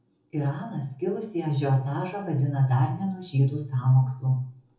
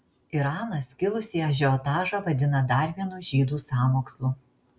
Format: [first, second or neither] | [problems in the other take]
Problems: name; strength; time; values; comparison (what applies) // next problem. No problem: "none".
second | room echo; dies away in 1 s